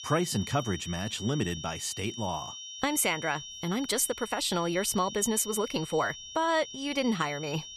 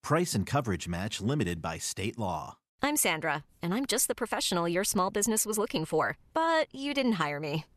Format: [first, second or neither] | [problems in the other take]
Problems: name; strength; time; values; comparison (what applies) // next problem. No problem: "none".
second | high-pitched whine; noticeable; throughout; 3 kHz, 10 dB below the speech